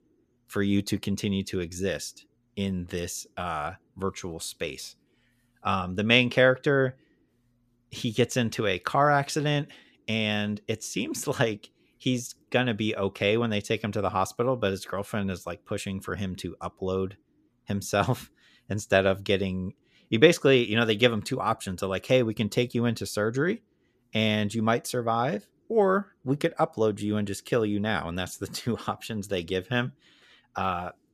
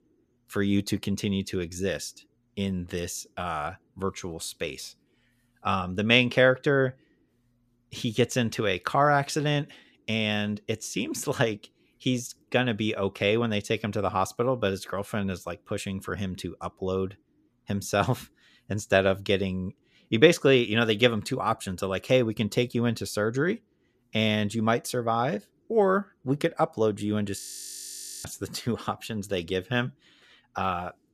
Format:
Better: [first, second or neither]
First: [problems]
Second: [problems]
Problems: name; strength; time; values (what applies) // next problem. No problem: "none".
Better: first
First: none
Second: audio freezing; at 27 s for 1 s